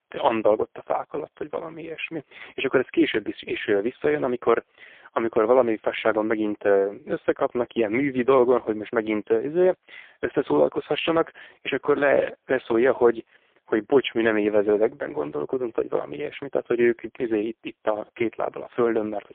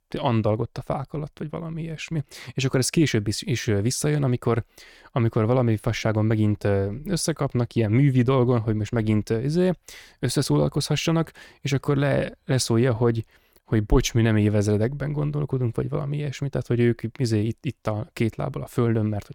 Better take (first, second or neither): second